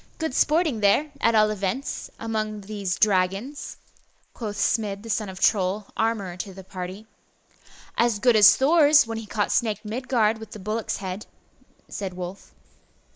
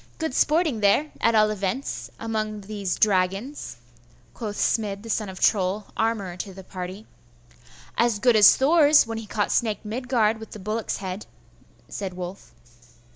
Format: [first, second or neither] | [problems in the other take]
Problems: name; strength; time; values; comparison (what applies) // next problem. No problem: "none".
second | noise reduction (neural mask model Resemble Enhance denoiser)